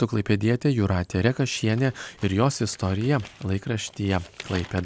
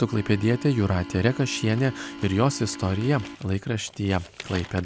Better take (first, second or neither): first